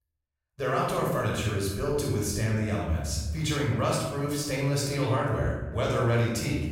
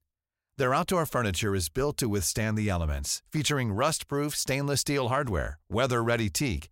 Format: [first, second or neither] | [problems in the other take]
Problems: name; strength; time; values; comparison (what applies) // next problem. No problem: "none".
second | room echo; noticeable; dies away in 1.4 s // off-mic speech; far